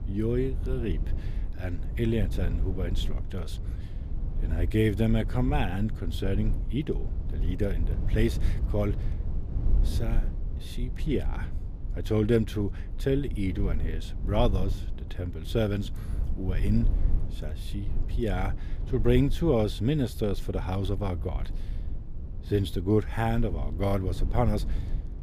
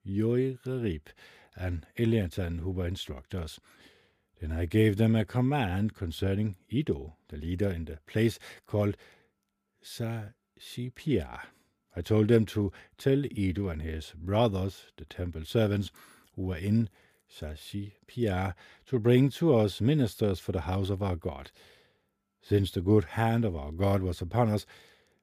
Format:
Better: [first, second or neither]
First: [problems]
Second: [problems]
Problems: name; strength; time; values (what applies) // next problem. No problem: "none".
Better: second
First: low rumble; noticeable; throughout; 15 dB below the speech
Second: none